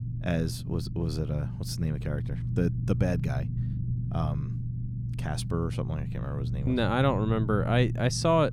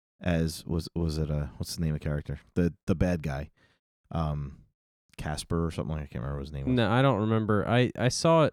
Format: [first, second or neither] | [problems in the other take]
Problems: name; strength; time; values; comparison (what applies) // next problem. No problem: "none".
second | low rumble; noticeable; throughout; 10 dB below the speech